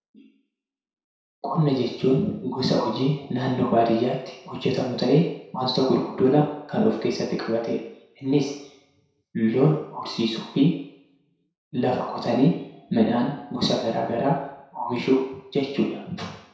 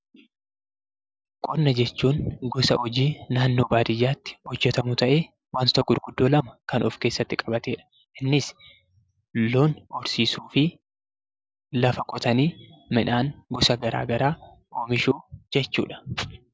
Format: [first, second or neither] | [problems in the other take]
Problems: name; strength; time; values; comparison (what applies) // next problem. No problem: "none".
second | room echo; dies away in 0.7 s